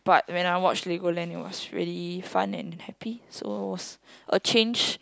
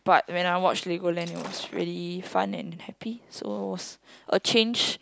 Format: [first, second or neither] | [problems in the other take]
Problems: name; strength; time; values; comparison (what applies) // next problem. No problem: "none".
first | background sound (Shatter); 18 dB below the speech